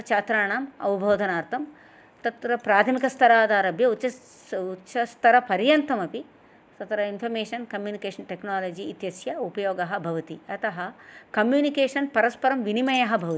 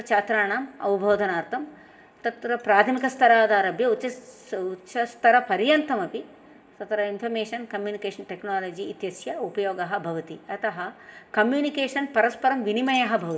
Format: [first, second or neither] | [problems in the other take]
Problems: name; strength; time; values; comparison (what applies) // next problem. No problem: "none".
first | room echo; dies away in 2 s